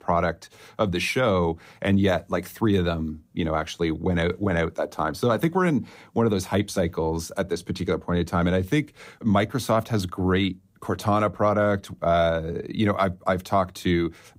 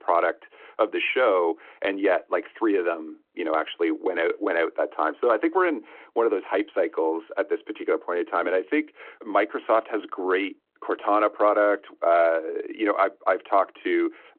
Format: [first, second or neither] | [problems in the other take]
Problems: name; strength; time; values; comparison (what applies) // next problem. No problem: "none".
first | phone-call audio